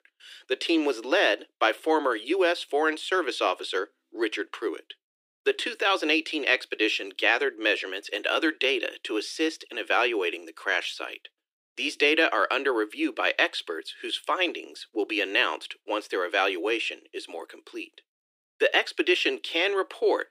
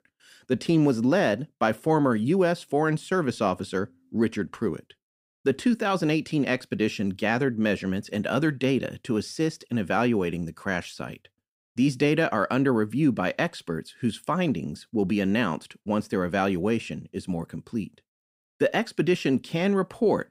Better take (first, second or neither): second